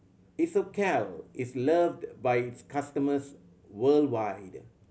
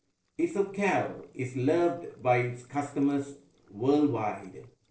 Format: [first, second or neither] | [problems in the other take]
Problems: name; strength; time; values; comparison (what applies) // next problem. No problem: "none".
first | noise reduction (neural separator model SepFormer DNS4)